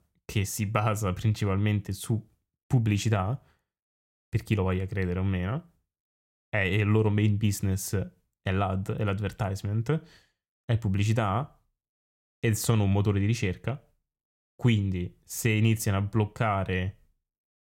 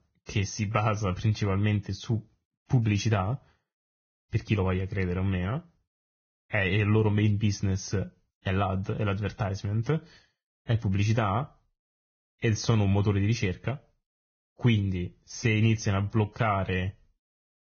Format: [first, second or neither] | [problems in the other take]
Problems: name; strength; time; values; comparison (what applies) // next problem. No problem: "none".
first | garbled, watery; badly; nothing above 6.5 kHz